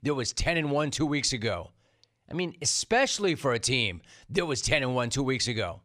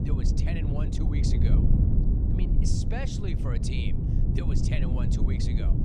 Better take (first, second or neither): first